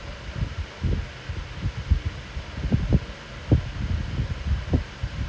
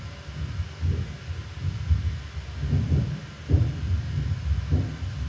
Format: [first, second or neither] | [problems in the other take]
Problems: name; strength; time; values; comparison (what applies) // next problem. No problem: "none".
first | room echo; dies away in 1.1 s